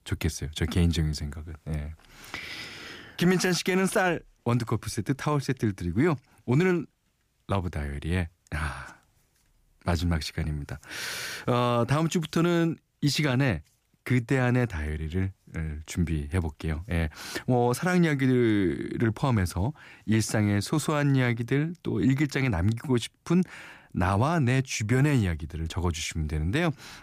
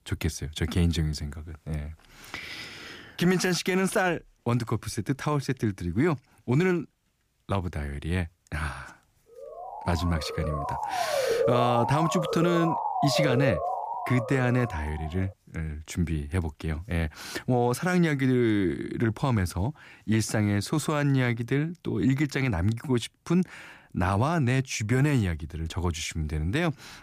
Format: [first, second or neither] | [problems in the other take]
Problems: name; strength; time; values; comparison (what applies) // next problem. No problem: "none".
first | siren; loud; from 9.5 to 15 s; peak 2 dB above the speech